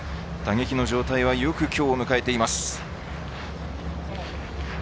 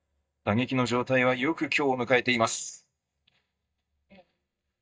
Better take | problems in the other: first | noise reduction (neural mask model DeepFilterNet 3)

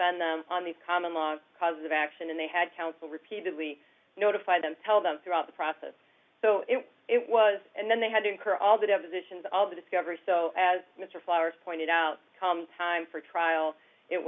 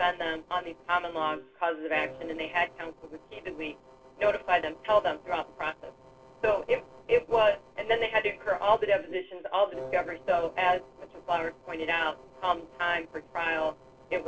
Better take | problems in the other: first | noise reduction (neural separator model SepFormer DNS4)

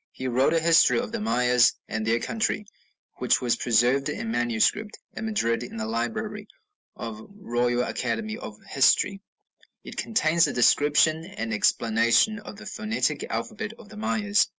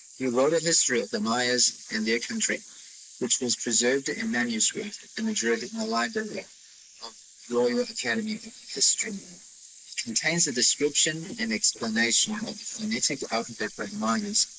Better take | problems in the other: first | noise reduction (neural mask model Resemble Enhance denoiser)

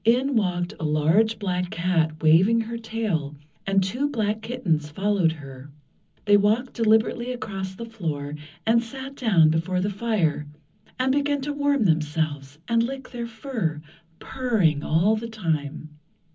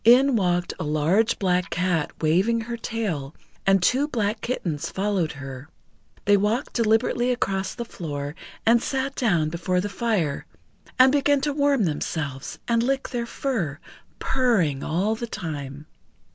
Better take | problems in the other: second | room echo; dies away in 0.4 s

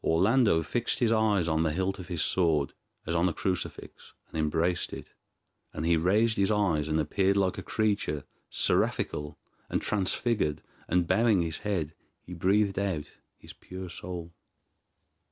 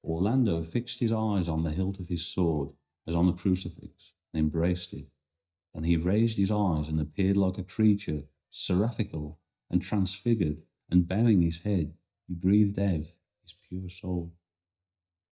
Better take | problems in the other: first | noise reduction (neural mask model DeepFilterNet 3)

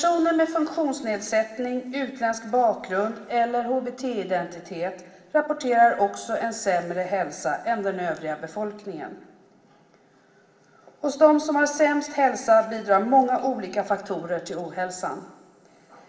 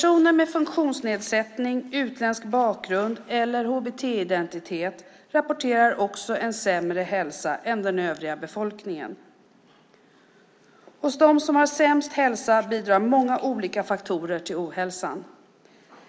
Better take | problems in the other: second | room echo; dies away in 2.3 s

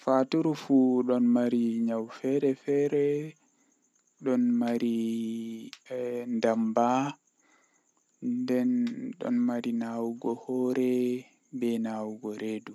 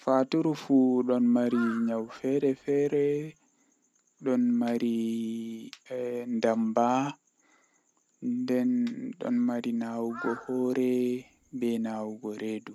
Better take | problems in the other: first | background sound (Crow); 18 dB below the speech

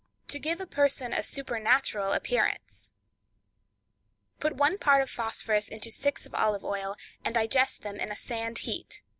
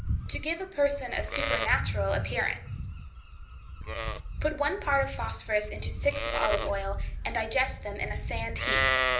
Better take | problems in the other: first | background sound (Livestock, farm animals, working animals); as loud as the speech // room echo; dies away in 0.5 s

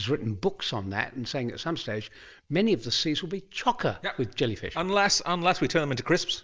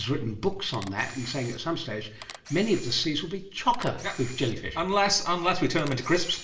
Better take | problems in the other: first | background sound (Camera); 19 dB below the speech // room echo; dies away in 1.4 s

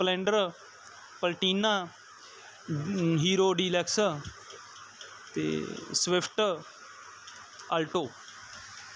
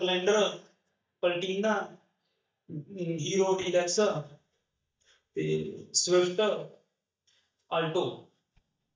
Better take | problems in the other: first | noise reduction (neural mask model DeepFilterNet 3)

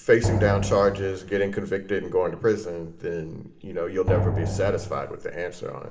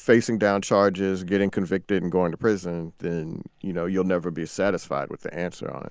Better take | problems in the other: second | background sound (Drum); 2 dB below the speech // room echo; dies away in 1.6 s

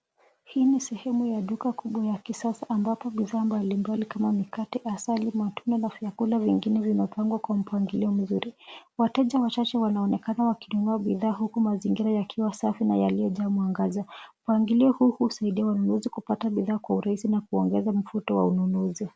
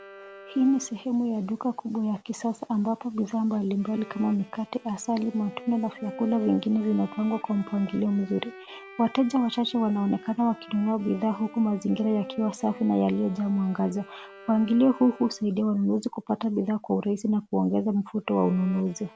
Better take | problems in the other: first | background sound (Bowed string instrument); 20 dB below the speech

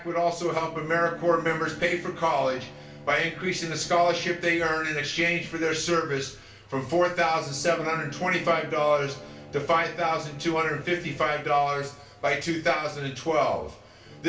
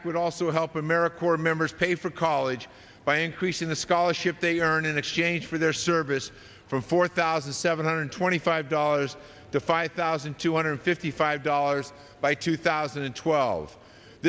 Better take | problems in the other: second | background sound (Bowed string instrument); 19 dB below the speech // room echo; dies away in 0.3 s

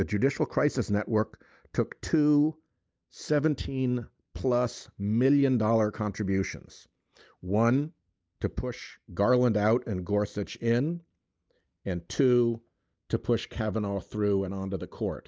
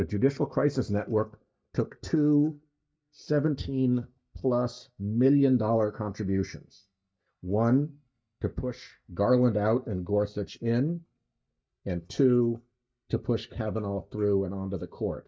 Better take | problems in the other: first | noise reduction (neural mask model DeepFilterNet 3)

